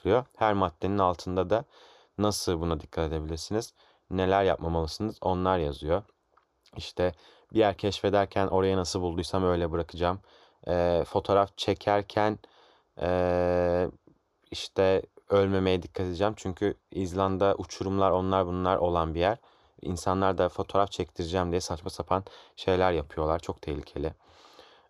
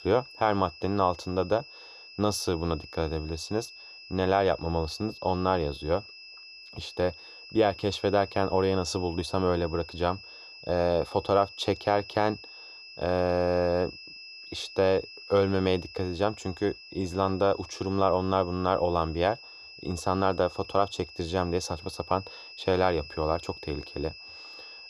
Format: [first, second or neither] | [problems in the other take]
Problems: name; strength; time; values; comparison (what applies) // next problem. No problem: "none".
first | high-pitched whine; noticeable; throughout; 5 kHz, 15 dB below the speech